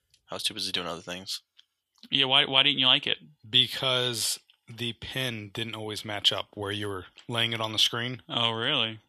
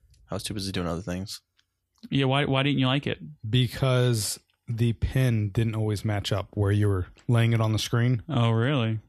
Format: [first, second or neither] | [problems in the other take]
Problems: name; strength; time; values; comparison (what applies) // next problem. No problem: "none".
second | thin; somewhat; fading below 700 Hz